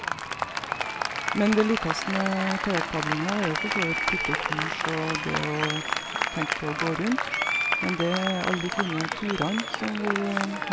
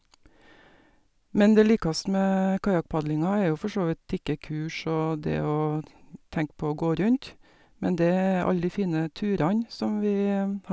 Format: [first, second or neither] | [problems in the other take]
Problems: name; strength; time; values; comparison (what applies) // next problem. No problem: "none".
second | background sound (Applause); as loud as the speech